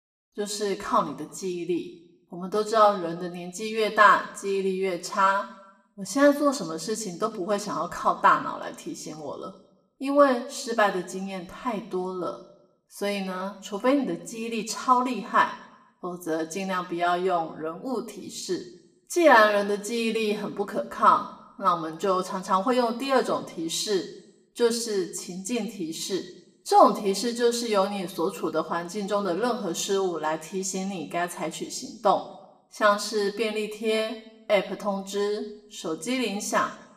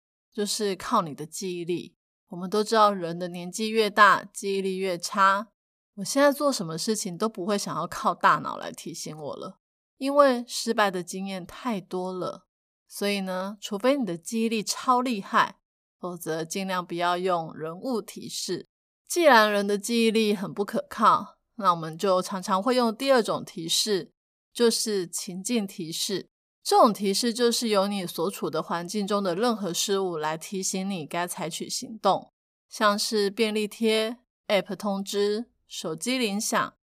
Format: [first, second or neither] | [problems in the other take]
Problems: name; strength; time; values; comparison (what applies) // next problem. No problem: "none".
second | room echo; very slight; dies away in 0.7 s // off-mic speech; somewhat distant